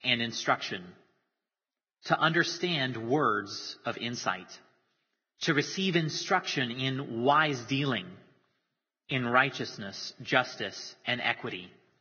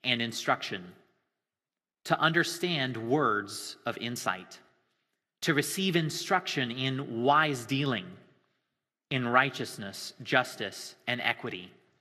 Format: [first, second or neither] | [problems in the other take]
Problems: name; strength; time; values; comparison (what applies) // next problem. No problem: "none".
second | garbled, watery; badly; nothing above 6.5 kHz; slightly in the second